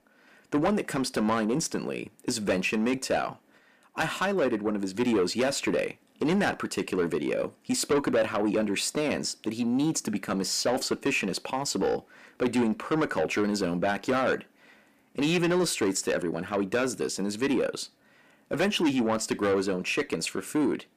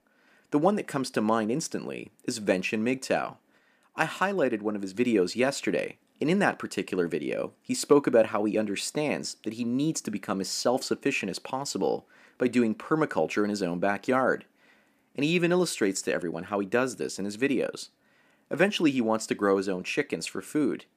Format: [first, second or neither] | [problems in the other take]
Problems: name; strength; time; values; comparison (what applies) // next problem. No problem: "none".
second | distortion; heavy; 8 dB below the speech